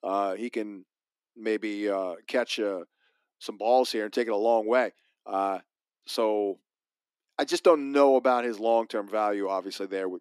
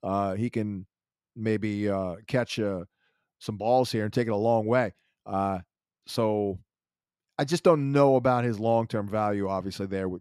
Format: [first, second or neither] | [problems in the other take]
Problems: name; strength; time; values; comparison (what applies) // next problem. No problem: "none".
second | thin; somewhat; fading below 250 Hz